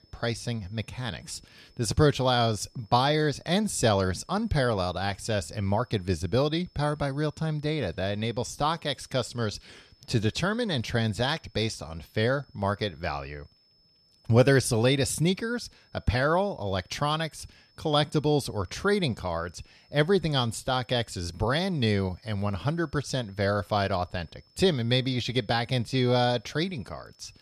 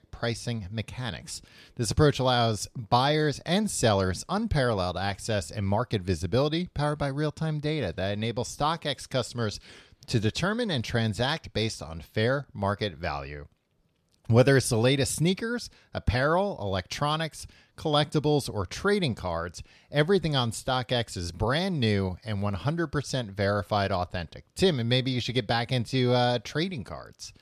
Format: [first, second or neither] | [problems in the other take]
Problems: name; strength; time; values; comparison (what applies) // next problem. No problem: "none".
second | high-pitched whine; faint; throughout; 5 kHz, 35 dB below the speech